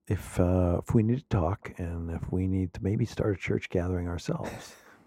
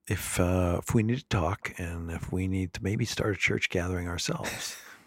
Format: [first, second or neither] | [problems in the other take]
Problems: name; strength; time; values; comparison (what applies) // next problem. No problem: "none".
second | muffled; slightly; fading above 1.5 kHz